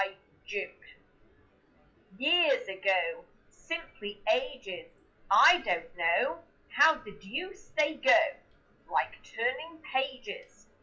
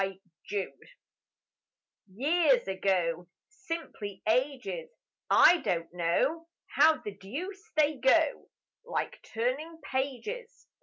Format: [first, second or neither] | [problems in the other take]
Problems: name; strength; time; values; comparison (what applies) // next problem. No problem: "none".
second | noise reduction (classical method WPE with log-MMSE)